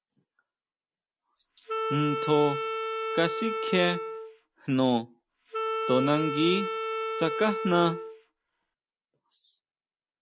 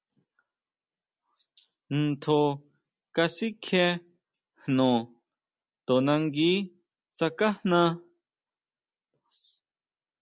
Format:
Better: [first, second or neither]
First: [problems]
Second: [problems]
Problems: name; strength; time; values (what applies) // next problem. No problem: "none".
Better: second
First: background sound (Wind instrument, woodwind instrument); 2 dB below the speech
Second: none